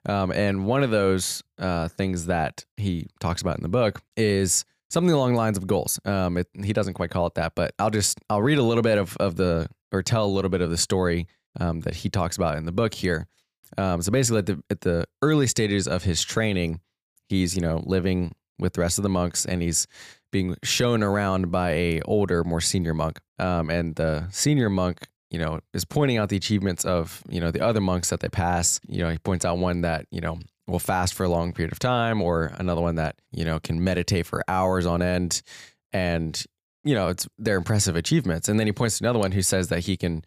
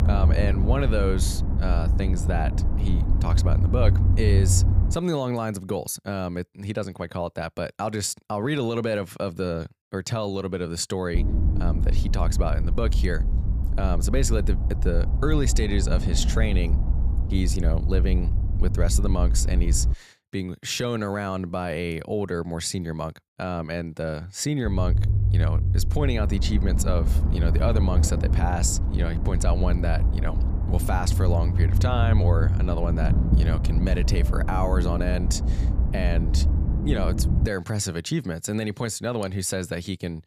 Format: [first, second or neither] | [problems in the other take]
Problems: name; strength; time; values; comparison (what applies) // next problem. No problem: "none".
first | low rumble; loud; until 5 s, from 11 to 20 s and from 25 to 37 s; 8 dB below the speech